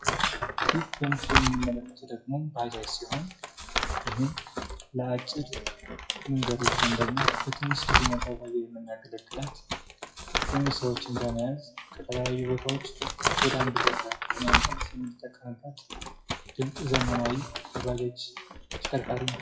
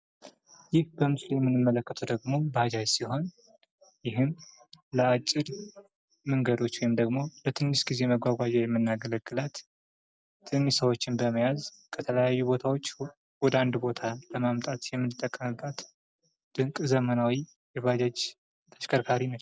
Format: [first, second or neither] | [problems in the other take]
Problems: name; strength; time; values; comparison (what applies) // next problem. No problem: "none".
second | noise reduction (classical method WPE with log-MMSE)